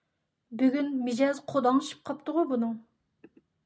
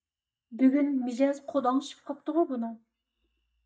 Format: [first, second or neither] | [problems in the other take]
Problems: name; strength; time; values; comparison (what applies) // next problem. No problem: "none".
first | noise reduction (neural mask model DeepFilterNet 3)